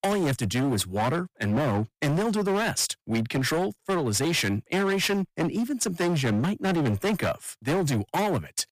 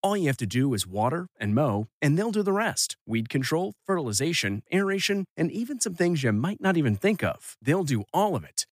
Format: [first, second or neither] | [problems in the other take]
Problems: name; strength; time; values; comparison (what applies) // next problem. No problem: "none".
second | distortion; heavy; 26% of the sound clipped